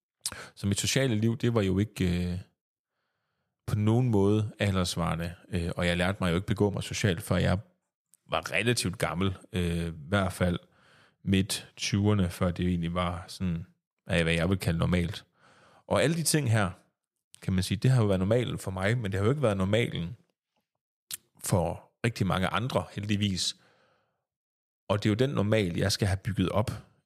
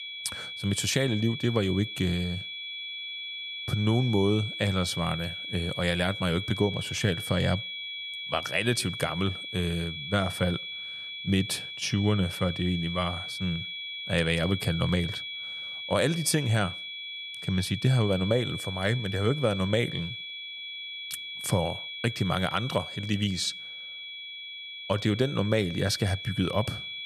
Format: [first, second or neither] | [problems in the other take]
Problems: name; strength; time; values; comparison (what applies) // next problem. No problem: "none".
first | high-pitched whine; loud; throughout; 3.5 kHz, 7 dB below the speech